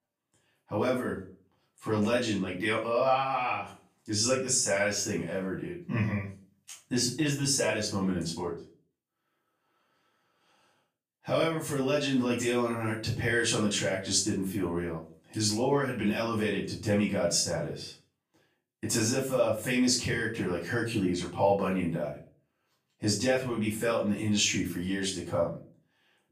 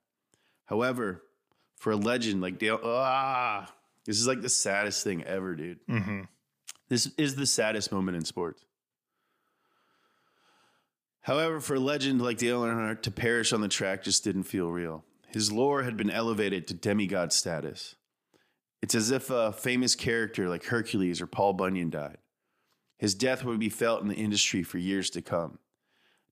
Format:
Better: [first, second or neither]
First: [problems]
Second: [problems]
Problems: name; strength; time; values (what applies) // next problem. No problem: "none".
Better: second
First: off-mic speech; far // room echo; slight; dies away in 0.3 s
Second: none